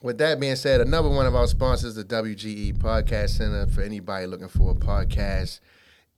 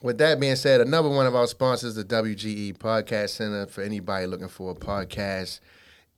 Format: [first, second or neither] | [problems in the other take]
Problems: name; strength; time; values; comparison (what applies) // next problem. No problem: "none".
second | wind noise on the microphone; occasional gusts; from 0.5 to 2 s, from 2.5 to 4 s and at 4.5 s; 20 dB below the speech